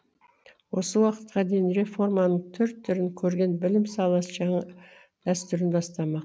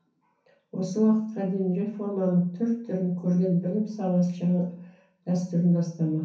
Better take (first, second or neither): first